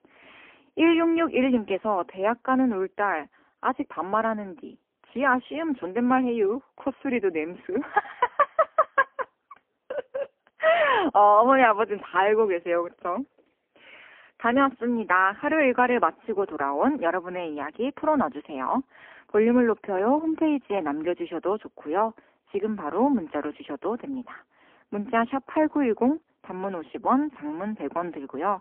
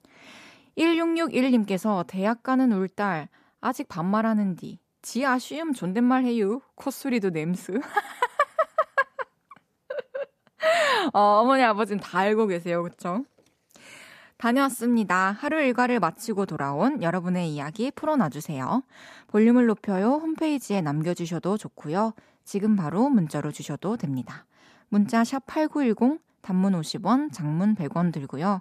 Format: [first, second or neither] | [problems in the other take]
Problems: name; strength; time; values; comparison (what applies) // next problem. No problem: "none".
second | phone-call audio; poor line; nothing above 3 kHz